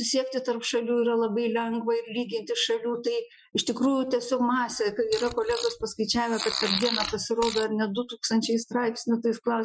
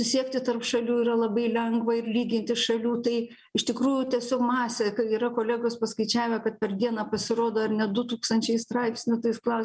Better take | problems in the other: second | noise reduction (classical method Wiener filter)

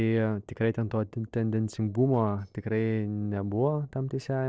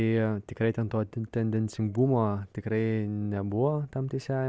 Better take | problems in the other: second | noise reduction (neural separator model SepFormer DNS4)

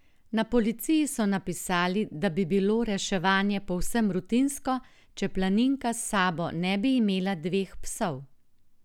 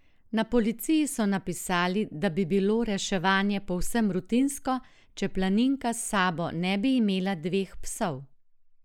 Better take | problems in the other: first | noise reduction (neural mask model Resemble Enhance denoiser)

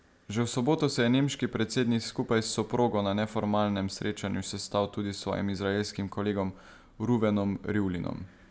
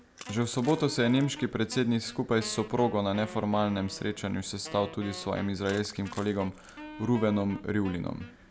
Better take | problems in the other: first | background sound (Crushing + Wind instrument, woodwind instrument); 17 dB below the speech

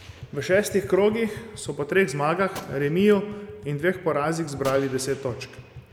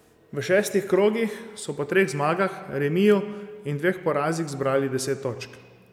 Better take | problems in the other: second | background sound (Gunshot, gunfire + Tap); 18 dB below the speech

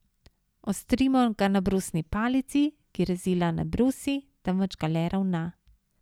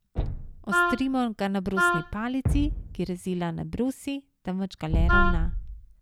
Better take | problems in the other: first | background sound (Wind instrument, woodwind instrument + Thump, thud); 3 dB above the speech

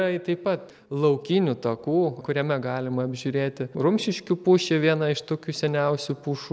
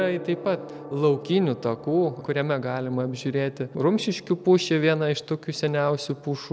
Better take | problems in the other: first | background sound (Gong); 18 dB below the speech

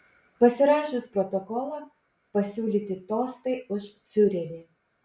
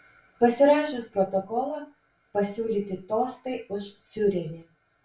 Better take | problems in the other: first | room echo; dies away in 0.2 s

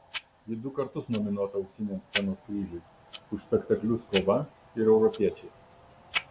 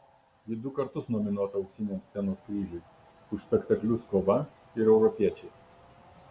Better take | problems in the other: second | background sound (Tick-tock); 12 dB below the speech

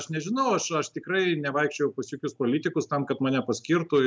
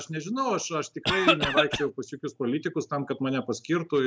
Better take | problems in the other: first | background sound (Cough); 4 dB above the speech

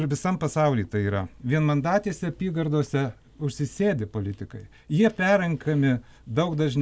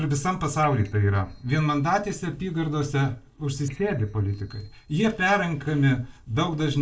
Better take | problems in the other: first | noise reduction (neural separator model SepFormer DNS4)

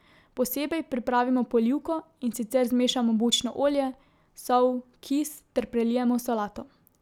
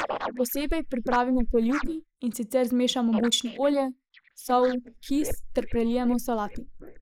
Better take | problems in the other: first | noise reduction (neural mask model Resemble Enhance denoiser)

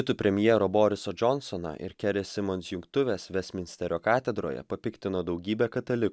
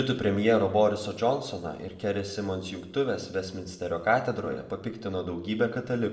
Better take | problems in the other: first | room echo; dies away in 0.9 s

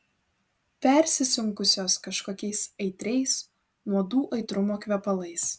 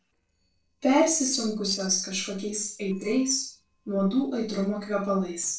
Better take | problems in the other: first | noise reduction (neural separator model SepFormer DNS4)

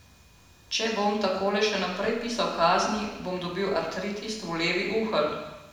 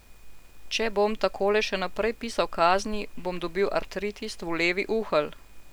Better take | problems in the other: second | room echo; dies away in 1 s

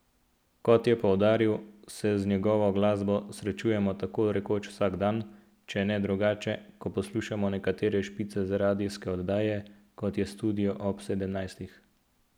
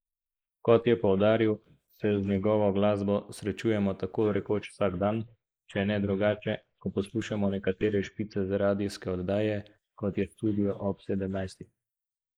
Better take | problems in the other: first | noise reduction (neural mask model Resemble Enhance denoiser)

